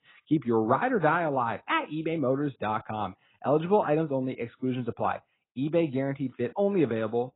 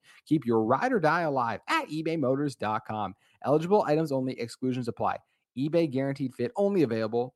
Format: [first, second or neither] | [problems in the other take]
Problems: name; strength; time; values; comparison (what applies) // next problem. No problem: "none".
second | garbled, watery; badly; nothing above 4 kHz